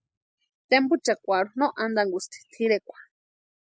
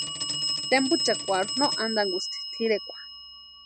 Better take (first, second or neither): first